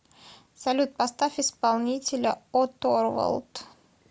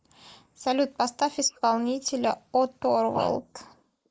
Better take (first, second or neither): first